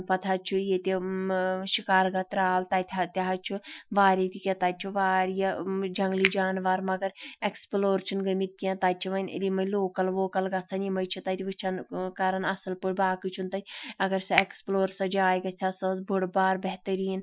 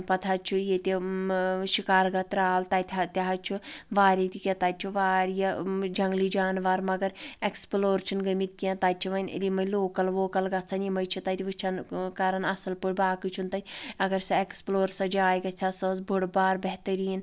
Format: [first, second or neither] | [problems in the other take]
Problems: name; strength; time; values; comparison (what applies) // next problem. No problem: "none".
second | noise reduction (classical method Wiener filter)